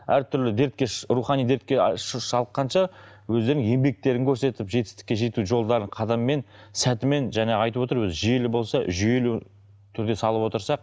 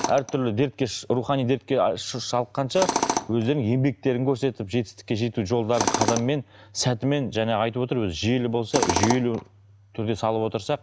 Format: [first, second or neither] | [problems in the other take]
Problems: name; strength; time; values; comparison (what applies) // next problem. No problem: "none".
first | background sound (Tools); 8 dB below the speech